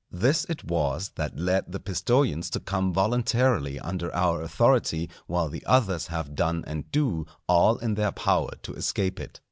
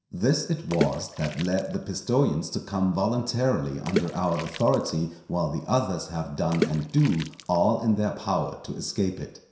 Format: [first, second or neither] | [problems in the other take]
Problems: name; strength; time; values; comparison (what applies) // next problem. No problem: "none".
first | background sound (Water / Splash, splatter); 10 dB below the speech // room echo; dies away in 0.7 s